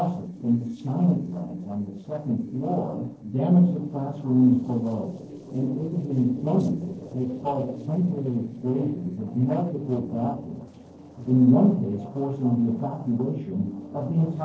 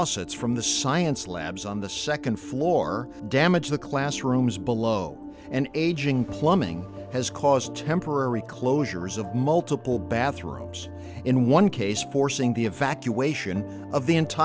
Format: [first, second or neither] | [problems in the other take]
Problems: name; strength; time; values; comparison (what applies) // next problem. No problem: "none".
second | noise reduction (neural separator model SepFormer DNS4)